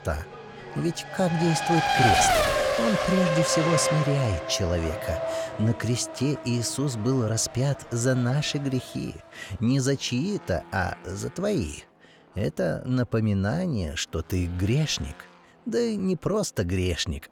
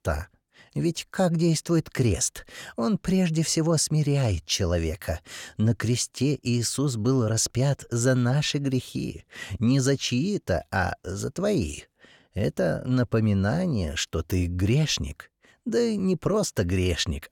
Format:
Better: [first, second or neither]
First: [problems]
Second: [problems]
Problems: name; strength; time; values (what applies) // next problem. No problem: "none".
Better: second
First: traffic noise; very loud; throughout; as loud as the speech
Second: none